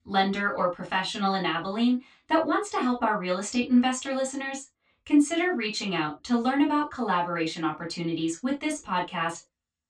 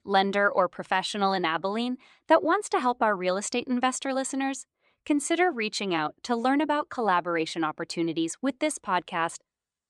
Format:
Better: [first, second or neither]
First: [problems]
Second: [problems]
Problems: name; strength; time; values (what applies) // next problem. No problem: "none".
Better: second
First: room echo; slight; dies away in 0.2 s // off-mic speech; far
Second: none